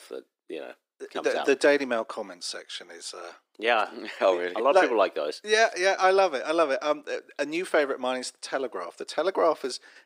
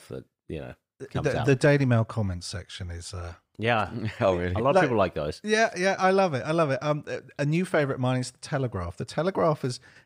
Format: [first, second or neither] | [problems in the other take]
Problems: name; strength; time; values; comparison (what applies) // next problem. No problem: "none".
second | thin; somewhat; fading below 300 Hz